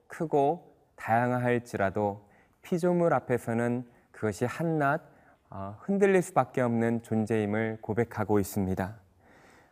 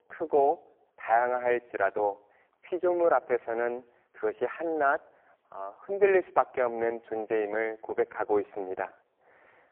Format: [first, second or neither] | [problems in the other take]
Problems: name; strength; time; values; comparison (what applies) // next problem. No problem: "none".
first | phone-call audio; poor line